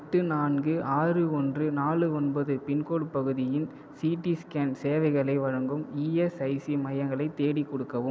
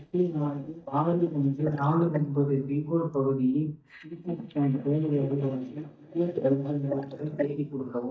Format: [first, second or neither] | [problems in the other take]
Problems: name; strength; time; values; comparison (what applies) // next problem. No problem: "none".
first | noise reduction (neural mask model DeepFilterNet 3)